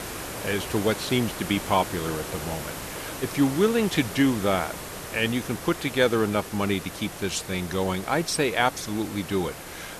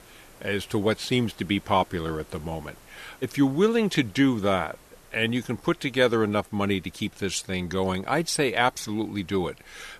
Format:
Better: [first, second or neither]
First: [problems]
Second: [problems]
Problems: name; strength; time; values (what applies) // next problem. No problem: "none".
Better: second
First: hiss; loud; throughout; 9 dB below the speech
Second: hiss; faint; throughout; 25 dB below the speech